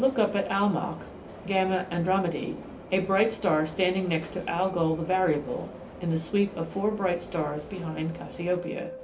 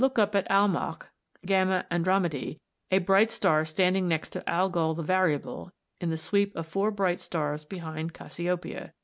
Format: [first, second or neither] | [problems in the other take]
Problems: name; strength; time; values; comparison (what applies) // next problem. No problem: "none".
second | background sound (Subway, metro, underground); 15 dB below the speech // room echo; dies away in 0.3 s